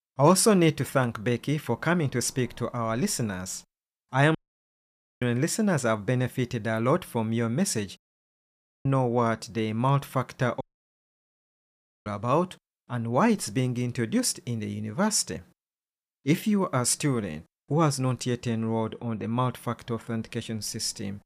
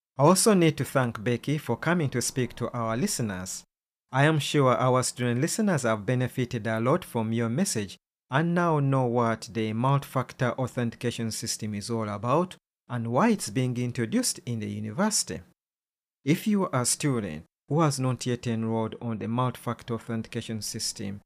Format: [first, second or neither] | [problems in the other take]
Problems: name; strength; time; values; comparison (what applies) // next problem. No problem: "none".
second | audio cutting out; at 4.5 s for 1 s, at 8 s for 1 s and at 11 s for 1.5 s